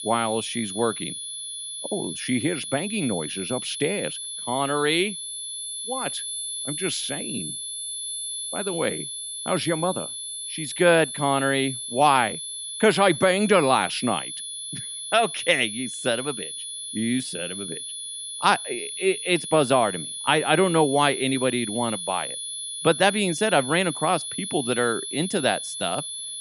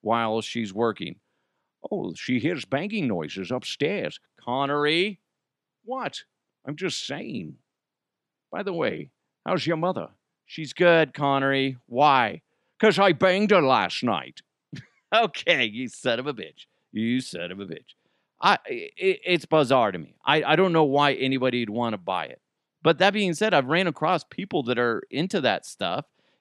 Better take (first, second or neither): second